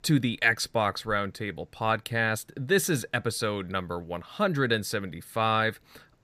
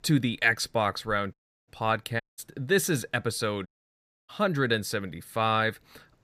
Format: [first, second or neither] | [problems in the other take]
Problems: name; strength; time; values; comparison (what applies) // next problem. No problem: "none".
first | audio cutting out; at 1.5 s, at 2 s and at 3.5 s for 0.5 s